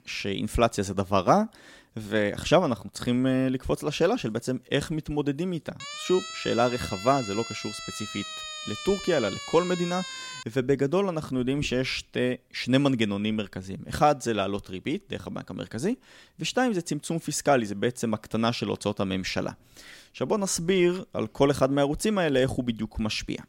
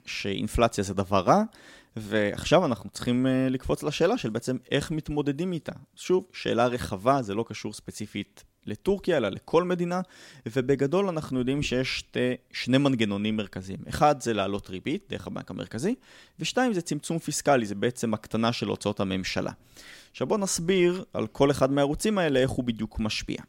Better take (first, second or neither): second